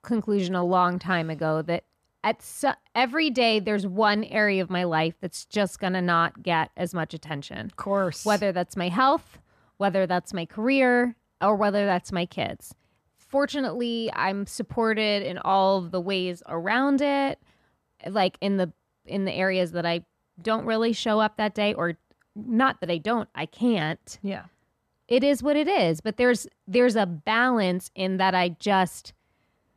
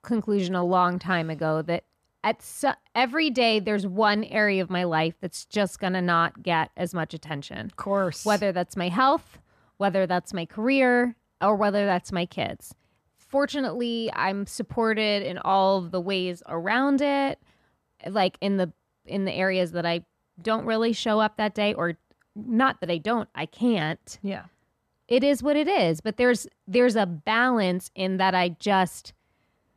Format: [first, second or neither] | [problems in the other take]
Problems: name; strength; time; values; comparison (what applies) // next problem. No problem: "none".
neither | none